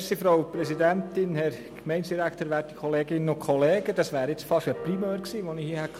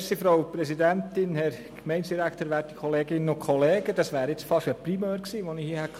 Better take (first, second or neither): second